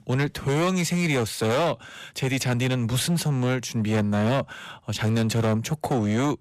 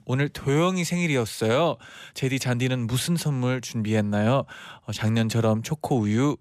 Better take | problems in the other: second | distortion; slight; 17% of the sound clipped

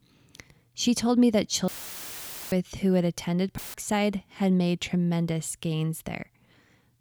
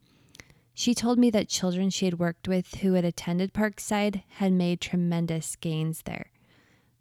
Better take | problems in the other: second | audio cutting out; filled with static; at 1.5 s for 1 s and at 3.5 s

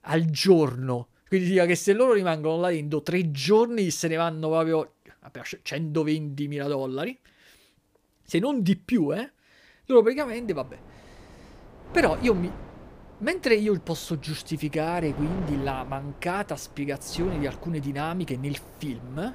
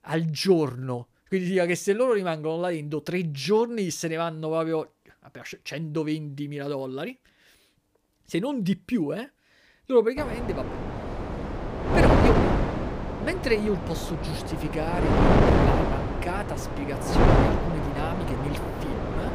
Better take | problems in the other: first | wind noise on the microphone; heavy; from 10 s on; 2 dB above the speech; occasional gusts in the first

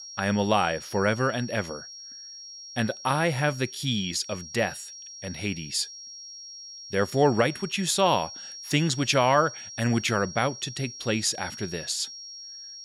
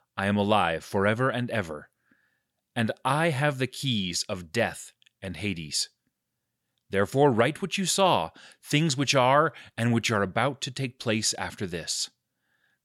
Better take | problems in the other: second | high-pitched whine; noticeable; throughout; 5.5 kHz, 15 dB below the speech

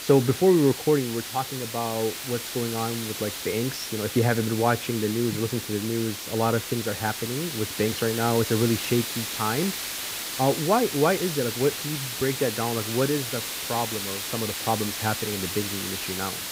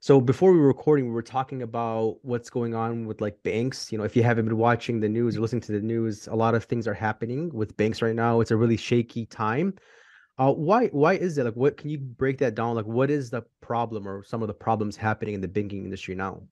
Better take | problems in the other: second | hiss; loud; throughout; 4 dB below the speech

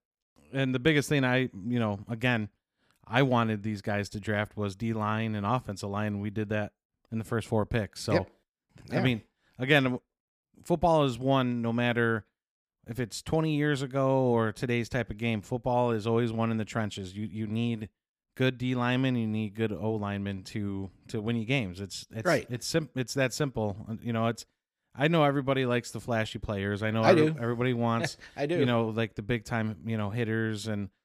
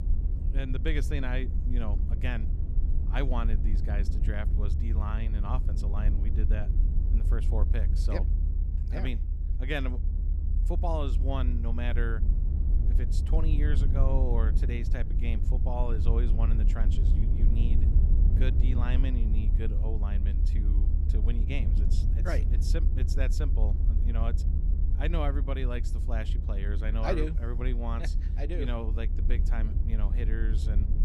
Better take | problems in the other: first | low rumble; loud; throughout; 7 dB below the speech

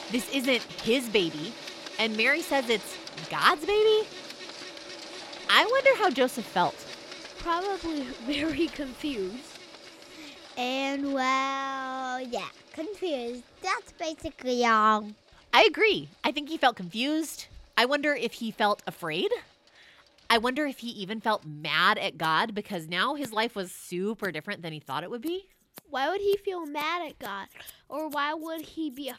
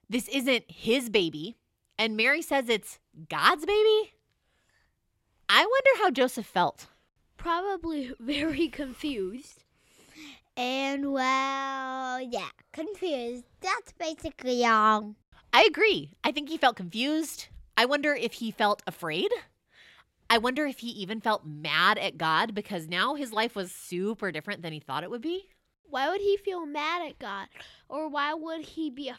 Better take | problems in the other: second | household noises; noticeable; throughout; 15 dB below the speech

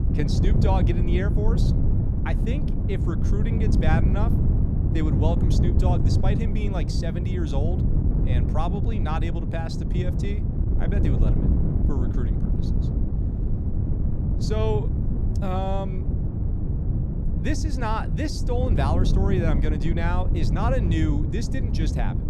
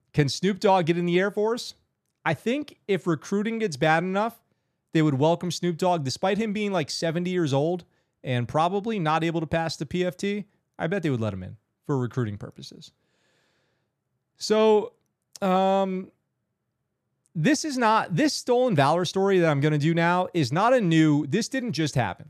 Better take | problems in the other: second | wind noise on the microphone; heavy; 4 dB below the speech

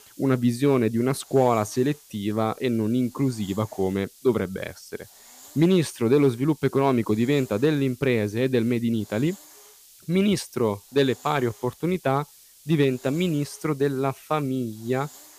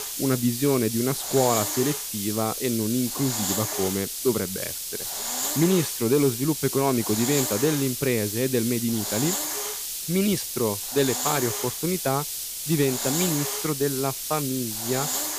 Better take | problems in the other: first | hiss; loud; throughout; 2 dB below the speech; faint in the first

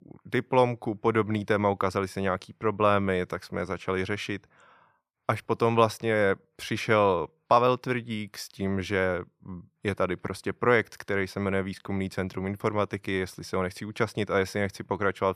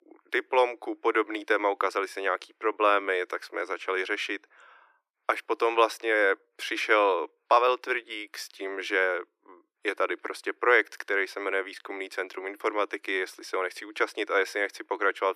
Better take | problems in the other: first | thin; very; fading below 300 Hz

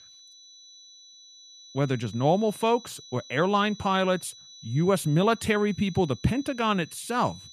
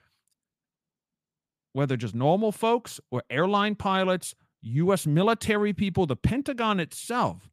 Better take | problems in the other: second | high-pitched whine; noticeable; throughout; 4 kHz, 20 dB below the speech

